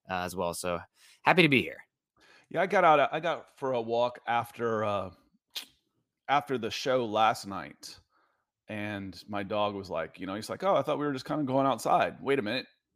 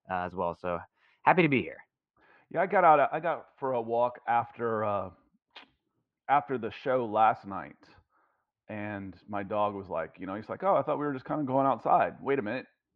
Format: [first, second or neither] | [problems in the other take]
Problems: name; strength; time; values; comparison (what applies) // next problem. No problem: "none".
first | muffled; very; fading above 2 kHz